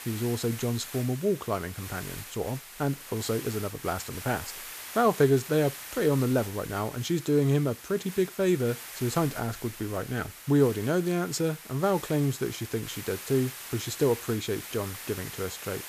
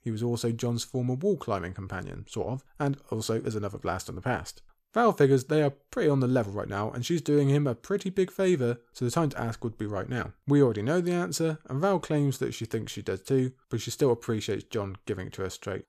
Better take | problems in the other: second | hiss; noticeable; throughout; 10 dB below the speech

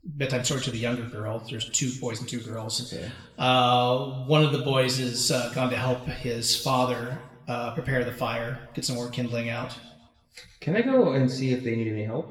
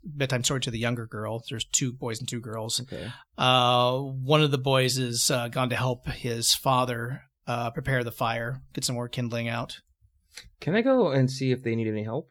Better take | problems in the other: second | room echo; slight; dies away in 0.9 s // off-mic speech; somewhat distant

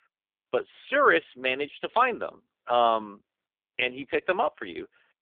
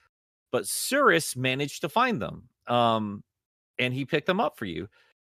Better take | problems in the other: second | phone-call audio; poor line; nothing above 3.5 kHz

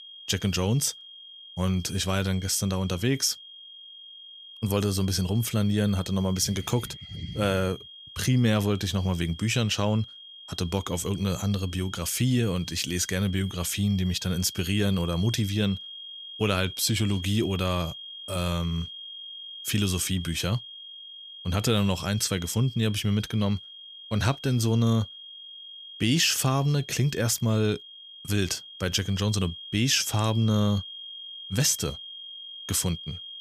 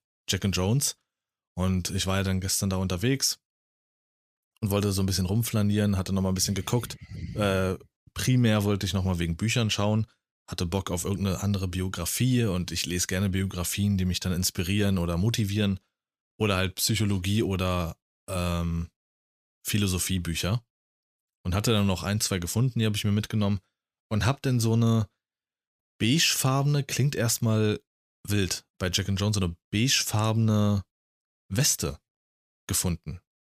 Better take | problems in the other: second | high-pitched whine; noticeable; throughout; 3 kHz, 15 dB below the speech

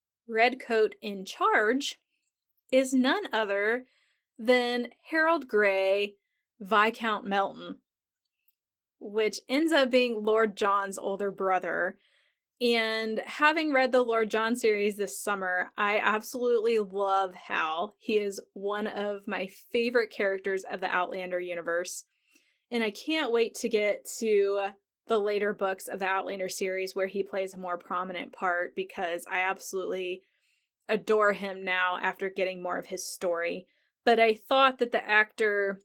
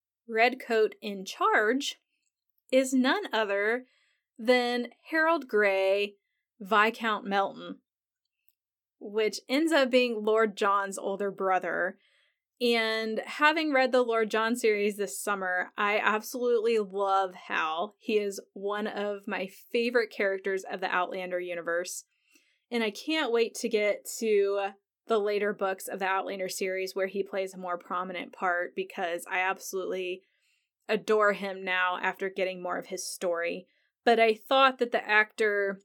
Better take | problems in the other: second | garbled, watery; slightly; nothing above 17.5 kHz

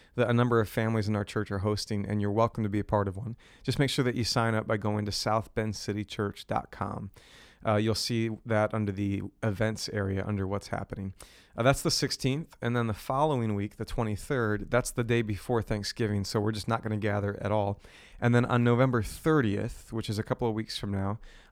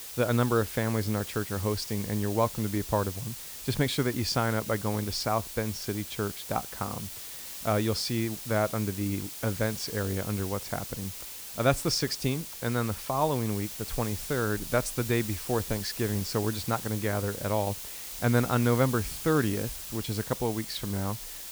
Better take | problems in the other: first | hiss; loud; throughout; 8 dB below the speech

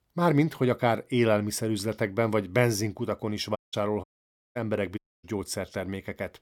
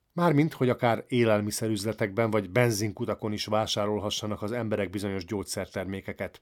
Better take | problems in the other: second | audio cutting out; at 3.5 s, at 4 s for 0.5 s and at 5 s

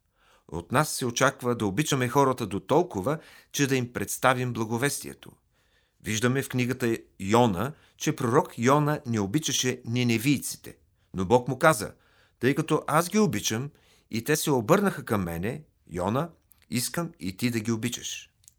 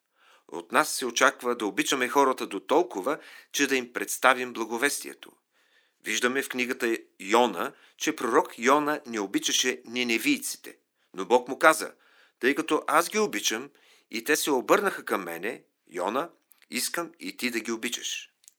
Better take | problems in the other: first | thin; somewhat; fading below 300 Hz

